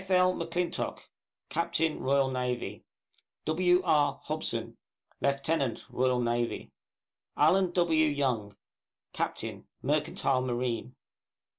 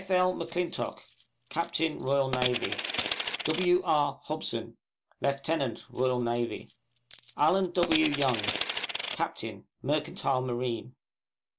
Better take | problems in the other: first | background sound (Coin (dropping)); 6 dB below the speech

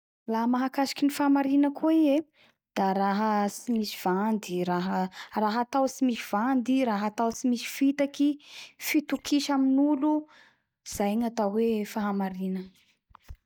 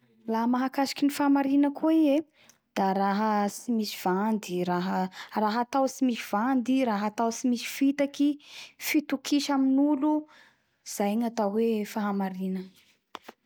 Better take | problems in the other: second | noise reduction (neural mask model DeepFilterNet 3)

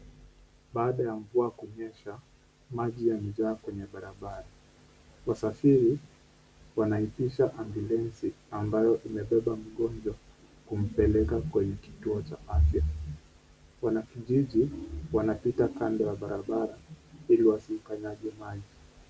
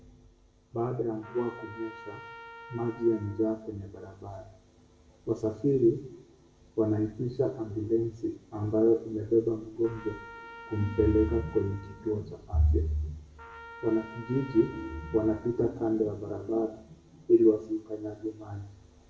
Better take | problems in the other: first | background sound (Trumpet); 18 dB below the speech // room echo; dies away in 0.6 s

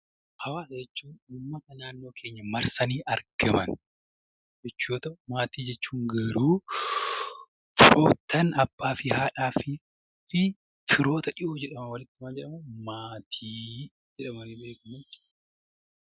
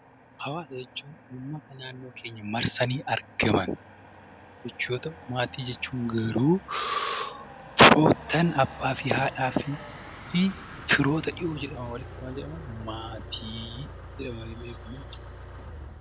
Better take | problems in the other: first | background sound (Motor vehicle (road)); 15 dB below the speech

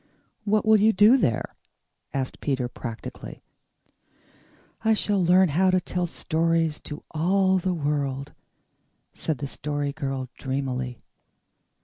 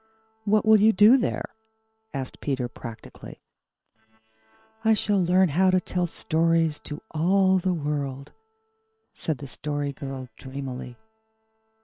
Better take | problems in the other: first | noise reduction (neural separator model SepFormer WHAM!)

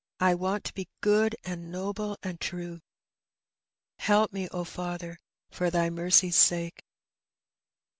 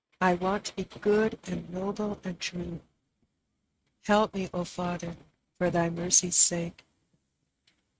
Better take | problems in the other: first | noise reduction (neural mask model RNNoise)

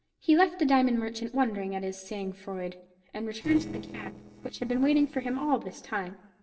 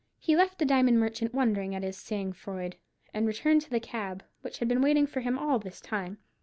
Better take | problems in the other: second | noise reduction (neural separator model SepFormer DNS4)

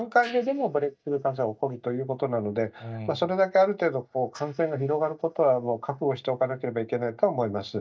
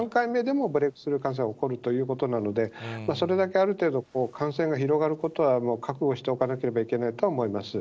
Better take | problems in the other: second | noise reduction (neural mask model DeepFilterNet 3)

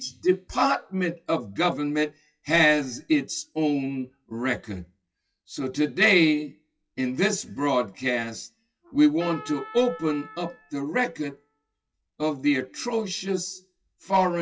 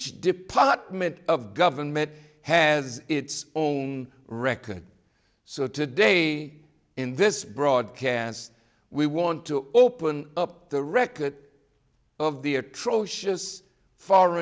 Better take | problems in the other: second | noise reduction (classical method WPE with log-MMSE)

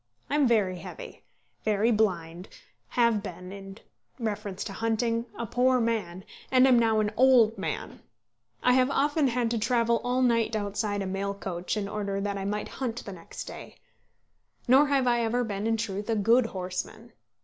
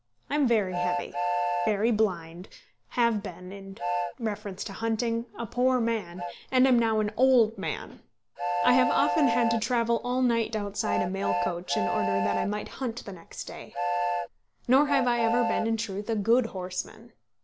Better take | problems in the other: first | background sound (Train); 5 dB below the speech

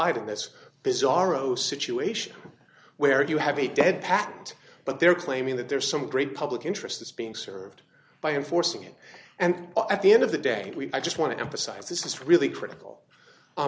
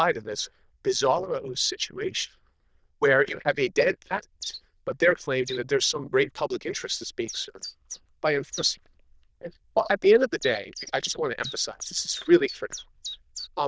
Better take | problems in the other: first | noise reduction (neural diffusion model UNIVERSE++)

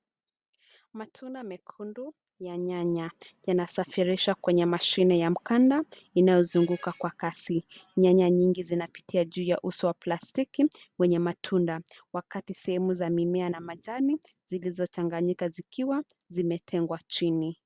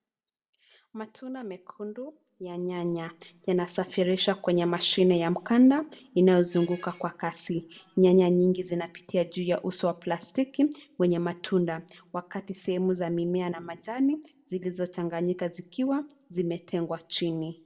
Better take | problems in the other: first | room echo; dies away in 0.3 s

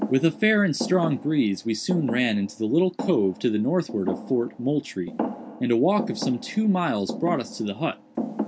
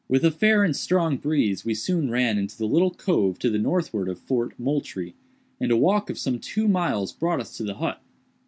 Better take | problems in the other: second | background sound (Thump, thud); 10 dB below the speech

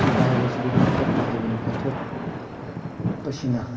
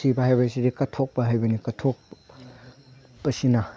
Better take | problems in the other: second | background sound (Thunder / Rain); 3 dB above the speech // room echo; dies away in 2.6 s

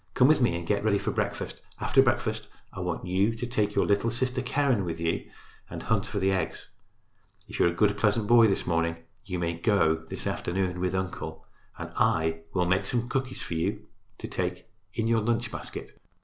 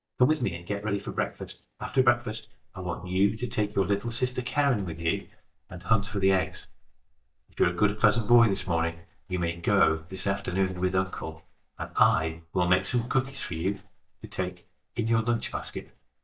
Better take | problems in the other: first | noise reduction (neural mask model DeepFilterNet 3)

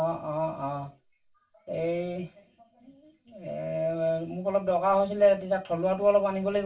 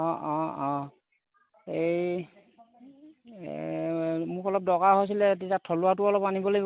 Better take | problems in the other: second | room echo; dies away in 0.2 s

